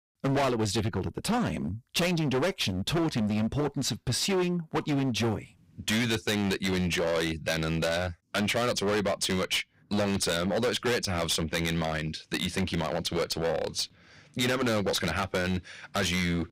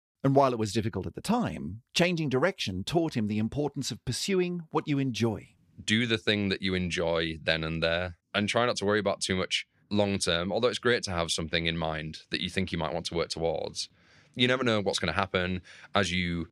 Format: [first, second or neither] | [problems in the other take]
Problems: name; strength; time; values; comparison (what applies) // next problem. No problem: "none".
second | distortion; heavy; 19% of the sound clipped